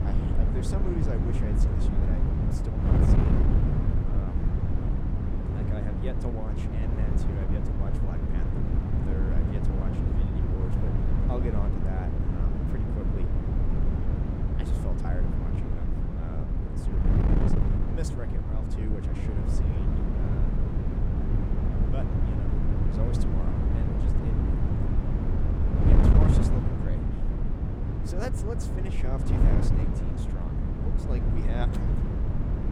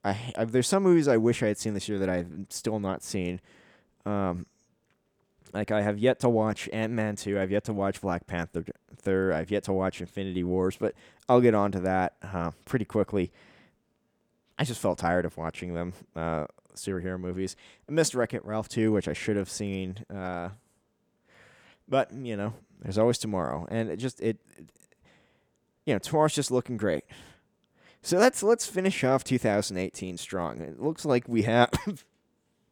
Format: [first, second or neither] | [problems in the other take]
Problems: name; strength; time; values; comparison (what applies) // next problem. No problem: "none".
second | wind noise on the microphone; heavy; 5 dB above the speech